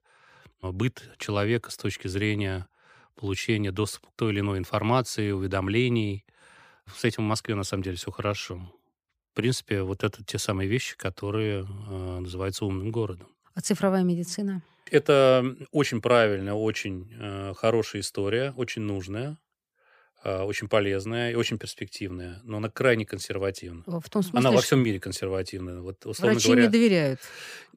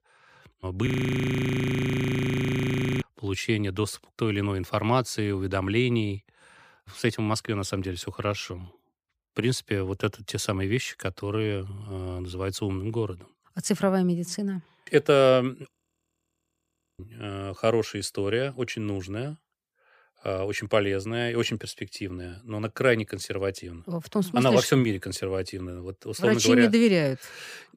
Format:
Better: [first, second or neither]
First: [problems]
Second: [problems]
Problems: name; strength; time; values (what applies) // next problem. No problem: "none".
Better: first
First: none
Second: audio freezing; at 1 s for 2 s and at 16 s for 1.5 s